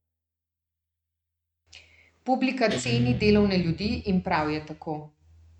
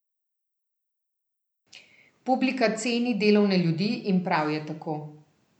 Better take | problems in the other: second | noise reduction (neural mask model RNNoise)

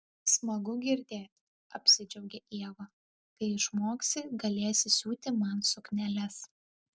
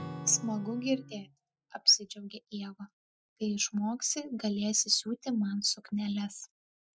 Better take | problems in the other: first | noise reduction (classical method Wiener filter)

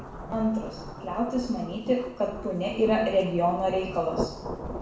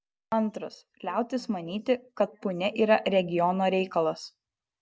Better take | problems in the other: second | background sound (Rain / Thunderstorm); 9 dB below the speech // room echo; dies away in 0.6 s

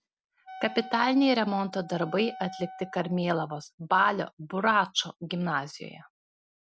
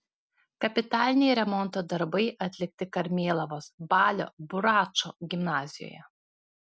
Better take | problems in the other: second | background sound (Wind instrument, woodwind instrument); 16 dB below the speech

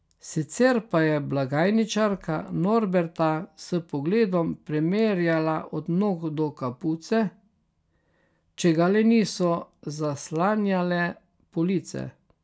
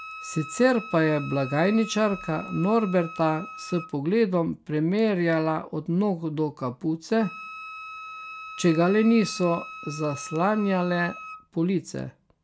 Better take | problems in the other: first | background sound (Wind instrument, woodwind instrument); 16 dB below the speech

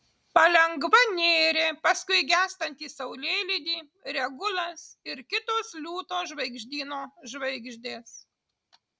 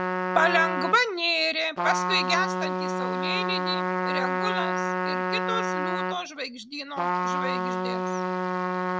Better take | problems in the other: first | background sound (Trumpet); 1 dB above the speech

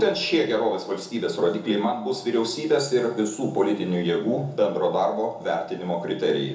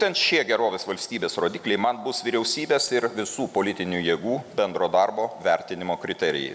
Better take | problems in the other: second | room echo; dies away in 0.6 s

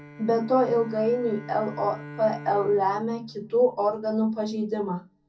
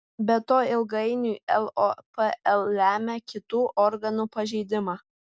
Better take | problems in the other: second | background sound (Bowed string instrument); 17 dB below the speech // room echo; dies away in 0.3 s

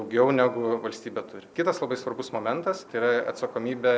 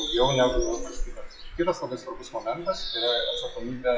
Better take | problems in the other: first | noise reduction (classical method WPE with log-MMSE)

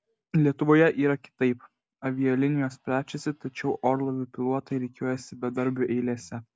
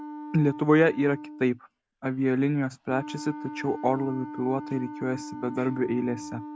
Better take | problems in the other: first | background sound (Wind instrument, woodwind instrument); 12 dB below the speech

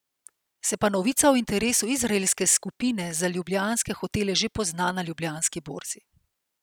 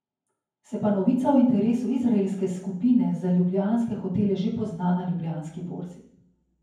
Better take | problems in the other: first | room echo; dies away in 0.9 s

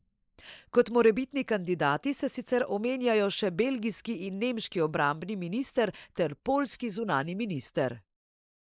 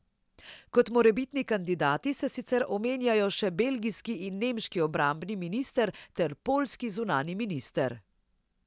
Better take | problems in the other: second | noise reduction (neural mask model Resemble Enhance denoiser)

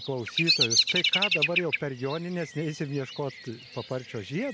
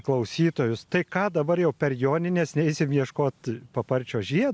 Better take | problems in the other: second | background sound (Bird vocalization, bird call, bird song); 2 dB above the speech

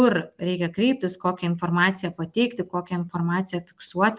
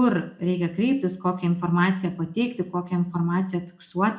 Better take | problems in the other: first | room echo; dies away in 0.3 s

